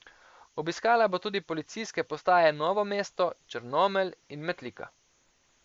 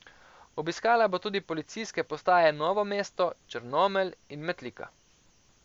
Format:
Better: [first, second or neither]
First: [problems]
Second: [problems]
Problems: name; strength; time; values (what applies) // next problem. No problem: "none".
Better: second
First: noise reduction (neural mask model Resemble Enhance denoiser)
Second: none